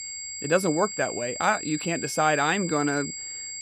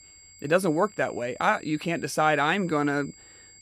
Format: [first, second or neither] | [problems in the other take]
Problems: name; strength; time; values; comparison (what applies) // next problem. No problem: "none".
second | high-pitched whine; loud; throughout; 7.5 kHz, 7 dB below the speech; faint in the second